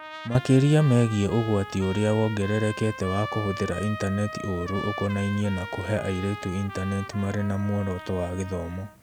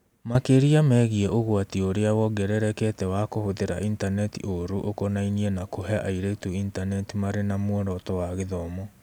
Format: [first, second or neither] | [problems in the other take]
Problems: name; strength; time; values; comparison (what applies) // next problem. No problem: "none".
second | background sound (Trumpet); 12 dB below the speech